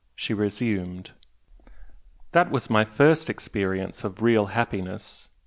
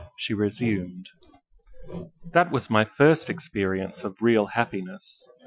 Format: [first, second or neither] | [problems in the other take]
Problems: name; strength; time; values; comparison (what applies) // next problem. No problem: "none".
first | noise reduction (classical method Wiener filter)